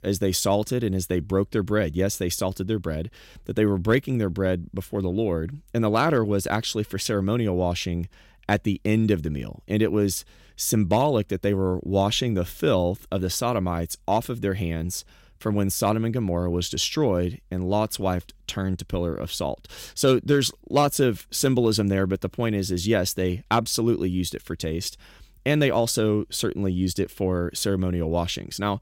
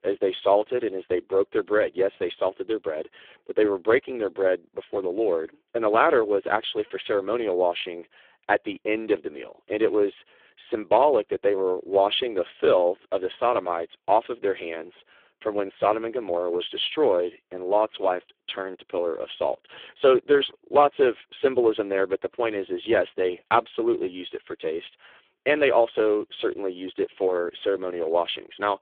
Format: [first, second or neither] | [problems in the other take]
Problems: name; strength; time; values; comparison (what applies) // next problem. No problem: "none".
first | phone-call audio; poor line; nothing above 3.5 kHz